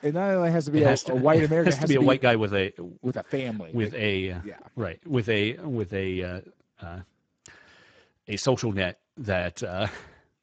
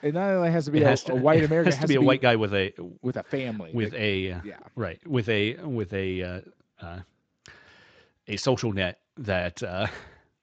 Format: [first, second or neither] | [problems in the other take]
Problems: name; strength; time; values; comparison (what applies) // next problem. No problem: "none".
second | garbled, watery; badly; nothing above 7.5 kHz; slightly in the second